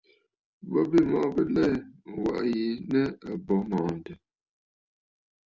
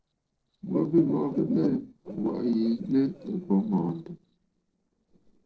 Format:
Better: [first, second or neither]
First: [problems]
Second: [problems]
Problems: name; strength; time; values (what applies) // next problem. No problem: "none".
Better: first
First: none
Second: noise reduction (neural separator model SepFormer DNS4)